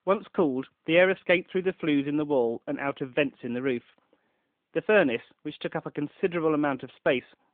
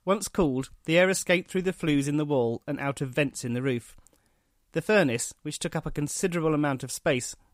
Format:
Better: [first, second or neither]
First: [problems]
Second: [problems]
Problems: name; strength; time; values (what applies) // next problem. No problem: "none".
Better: second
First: phone-call audio; nothing above 3.5 kHz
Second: none